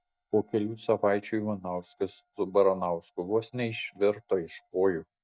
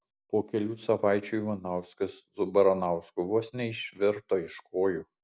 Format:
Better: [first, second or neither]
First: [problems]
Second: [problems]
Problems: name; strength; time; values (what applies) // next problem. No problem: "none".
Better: second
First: noise reduction (neural mask model DeepFilterNet 3)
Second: none